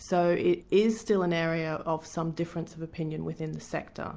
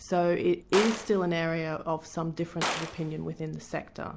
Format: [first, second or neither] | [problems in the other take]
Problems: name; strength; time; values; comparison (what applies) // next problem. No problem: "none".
first | background sound (Gunshot, gunfire); 8 dB below the speech